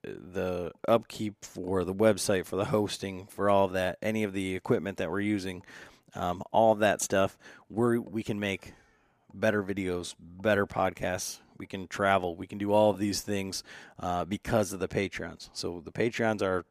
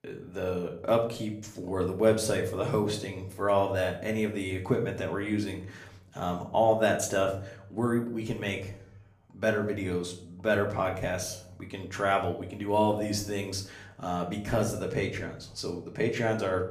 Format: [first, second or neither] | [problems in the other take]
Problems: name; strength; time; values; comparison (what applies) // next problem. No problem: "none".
first | room echo; slight; dies away in 0.6 s // off-mic speech; somewhat distant